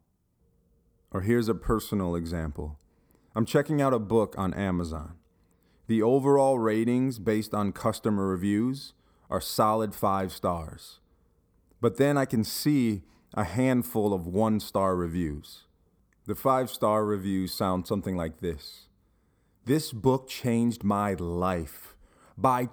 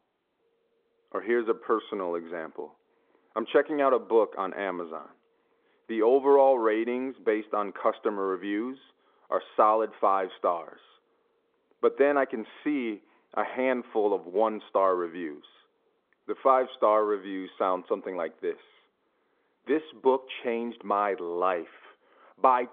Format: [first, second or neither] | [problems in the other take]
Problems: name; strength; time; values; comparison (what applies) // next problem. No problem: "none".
first | phone-call audio; nothing above 3.5 kHz